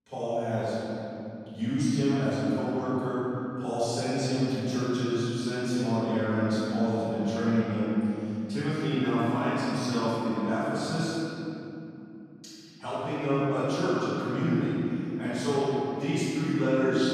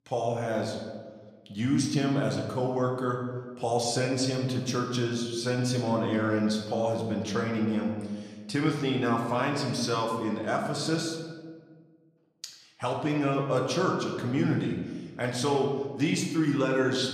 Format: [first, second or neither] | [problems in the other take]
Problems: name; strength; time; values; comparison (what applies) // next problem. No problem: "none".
second | room echo; strong; dies away in 3 s; slight in the second // off-mic speech; far; somewhat distant in the second